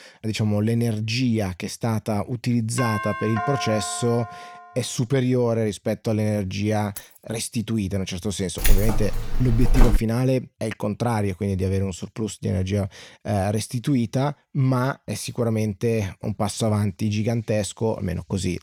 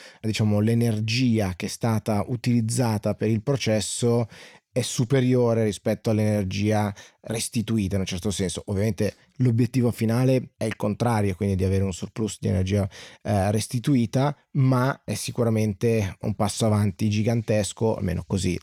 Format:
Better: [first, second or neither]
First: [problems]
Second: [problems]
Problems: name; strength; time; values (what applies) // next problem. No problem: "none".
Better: second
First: doorbell; noticeable; from 3 to 4.5 s; peak 3 dB below the speech // jangling keys; faint; at 7 s; peak 15 dB below the speech // jangling keys; loud; from 8.5 to 10 s; peak 2 dB above the speech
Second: none